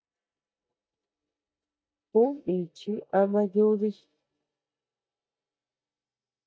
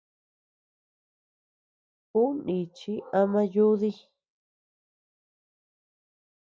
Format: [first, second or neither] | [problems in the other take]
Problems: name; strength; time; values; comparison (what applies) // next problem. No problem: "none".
second | noise reduction (neural mask model DeepFilterNet 3)